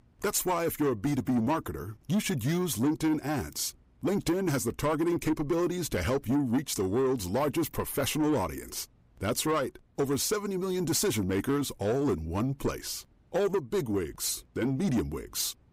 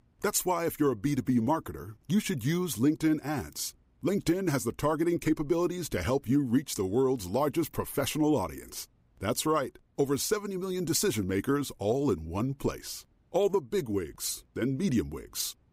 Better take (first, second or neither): second